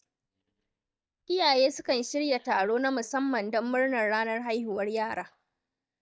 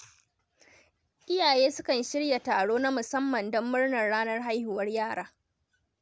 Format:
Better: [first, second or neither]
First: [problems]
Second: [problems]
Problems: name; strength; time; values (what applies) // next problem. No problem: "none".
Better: second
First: noise reduction (neural mask model DeepFilterNet 3)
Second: none